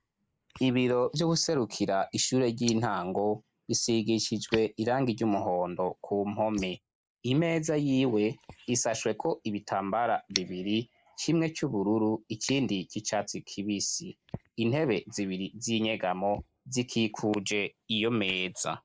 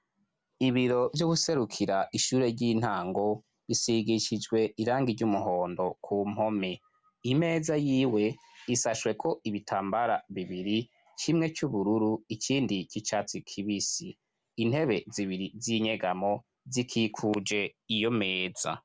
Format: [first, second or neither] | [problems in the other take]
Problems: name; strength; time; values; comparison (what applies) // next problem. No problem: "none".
second | noise reduction (neural mask model Resemble Enhance denoiser)